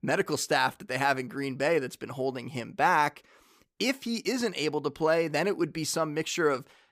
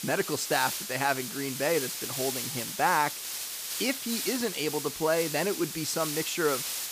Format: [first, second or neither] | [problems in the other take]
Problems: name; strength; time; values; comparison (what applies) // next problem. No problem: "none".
first | hiss; loud; throughout; 3 dB below the speech